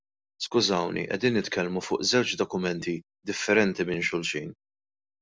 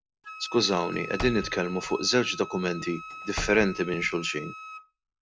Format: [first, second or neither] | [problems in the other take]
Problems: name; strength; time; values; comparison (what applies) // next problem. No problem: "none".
first | background sound (Wind instrument, woodwind instrument + Slam / Wood); 11 dB below the speech